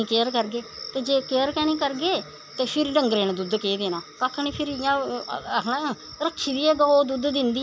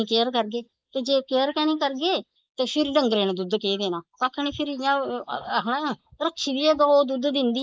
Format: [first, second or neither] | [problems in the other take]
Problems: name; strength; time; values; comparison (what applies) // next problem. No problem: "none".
first | noise reduction (neural mask model Resemble Enhance denoiser)